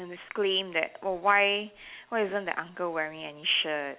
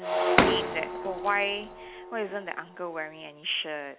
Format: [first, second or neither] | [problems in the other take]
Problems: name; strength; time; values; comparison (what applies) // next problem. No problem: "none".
first | background sound (Shatter); 3 dB above the speech